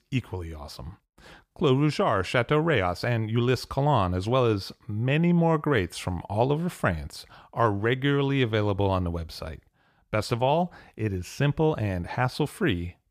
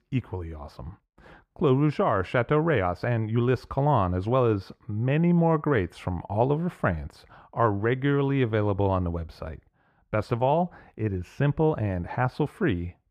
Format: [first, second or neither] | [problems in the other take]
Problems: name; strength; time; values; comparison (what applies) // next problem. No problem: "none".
first | muffled; slightly; fading above 3 kHz